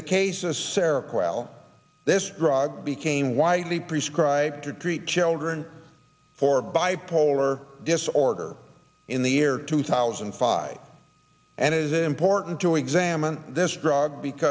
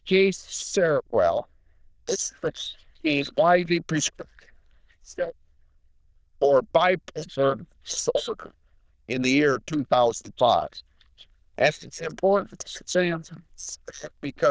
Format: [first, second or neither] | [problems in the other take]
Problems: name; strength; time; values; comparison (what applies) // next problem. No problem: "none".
first | noise reduction (neural diffusion model UNIVERSE++)